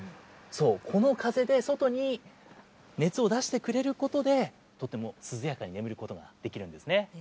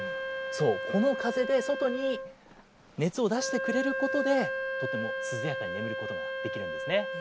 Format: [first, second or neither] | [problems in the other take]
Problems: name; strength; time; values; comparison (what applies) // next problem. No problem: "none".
first | background sound (Wind instrument, woodwind instrument); 3 dB below the speech